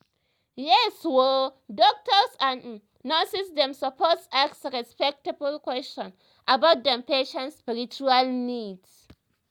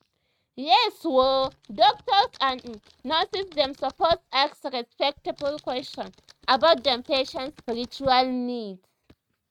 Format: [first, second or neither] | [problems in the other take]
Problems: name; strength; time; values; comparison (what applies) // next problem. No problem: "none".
first | noise reduction (neural mask model RNNoise)